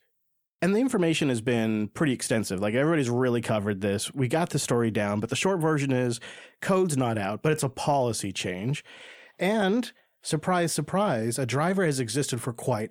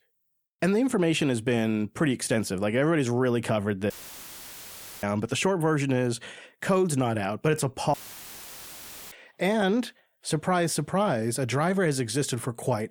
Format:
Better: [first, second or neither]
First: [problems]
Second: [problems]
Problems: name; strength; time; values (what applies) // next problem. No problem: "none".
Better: first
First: none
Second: audio cutting out; filled with static; at 4 s for 1 s and at 8 s for 1 s